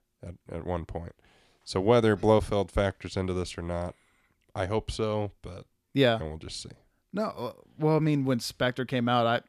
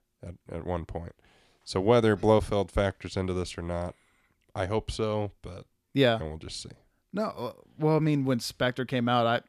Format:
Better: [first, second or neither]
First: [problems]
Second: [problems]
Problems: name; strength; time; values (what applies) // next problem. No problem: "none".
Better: neither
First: none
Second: none